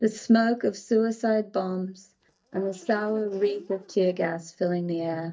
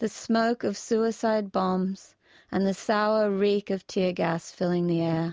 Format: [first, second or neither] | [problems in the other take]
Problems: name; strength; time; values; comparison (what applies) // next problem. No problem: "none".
second | noise reduction (neural mask model DeepFilterNet 3)